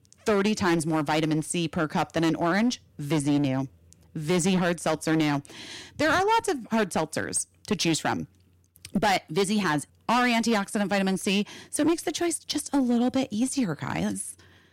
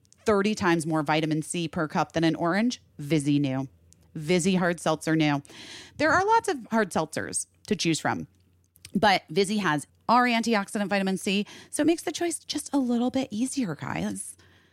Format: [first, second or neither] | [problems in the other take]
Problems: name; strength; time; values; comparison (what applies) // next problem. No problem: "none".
second | distortion; slight; 10% of the sound clipped